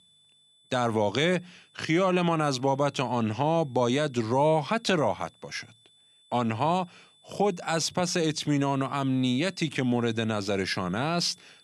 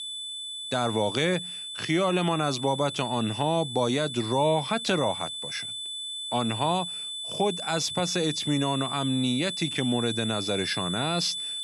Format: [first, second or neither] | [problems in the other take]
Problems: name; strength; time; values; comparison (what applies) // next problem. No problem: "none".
first | high-pitched whine; loud; throughout; 3.5 kHz, 5 dB below the speech; faint in the first